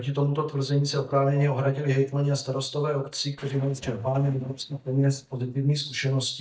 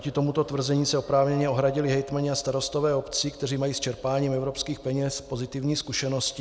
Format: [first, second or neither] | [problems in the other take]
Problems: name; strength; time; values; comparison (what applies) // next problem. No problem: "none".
second | noise reduction (neural mask model DeepFilterNet 3)